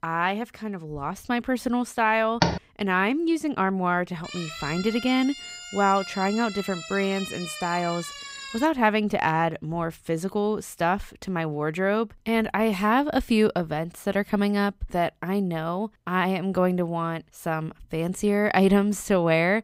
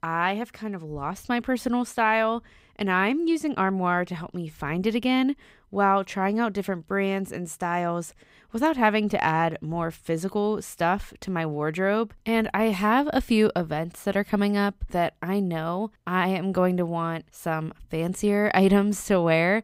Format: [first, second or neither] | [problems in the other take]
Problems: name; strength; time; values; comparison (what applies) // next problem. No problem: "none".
second | door banging; noticeable; at 2.5 s; peak level with the speech // siren; noticeable; from 4 to 8.5 s; peak 9 dB below the speech